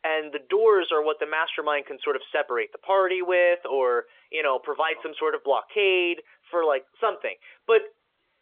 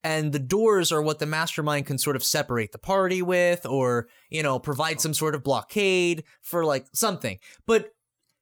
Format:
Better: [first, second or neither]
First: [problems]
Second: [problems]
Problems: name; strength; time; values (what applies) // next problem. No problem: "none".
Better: second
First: phone-call audio; nothing above 3.5 kHz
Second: none